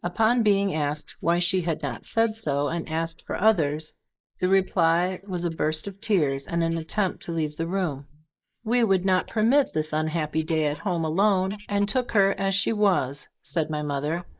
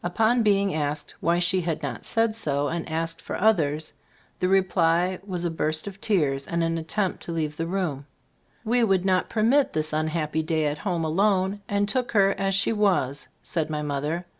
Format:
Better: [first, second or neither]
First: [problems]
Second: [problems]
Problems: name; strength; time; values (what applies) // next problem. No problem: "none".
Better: second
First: noise reduction (neural mask model Resemble Enhance denoiser)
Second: none